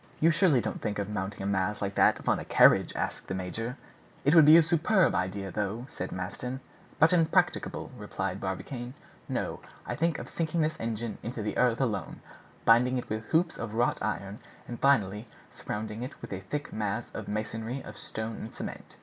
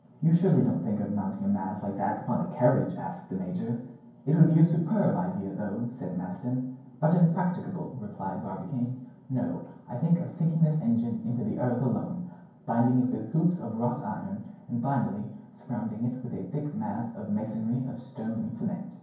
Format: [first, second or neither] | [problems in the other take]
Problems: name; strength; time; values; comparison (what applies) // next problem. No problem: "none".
first | room echo; dies away in 0.9 s